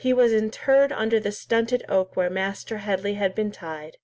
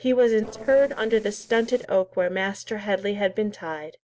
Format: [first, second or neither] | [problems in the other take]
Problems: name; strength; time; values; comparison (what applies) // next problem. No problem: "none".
first | noise reduction (neural separator model SepFormer DNS4)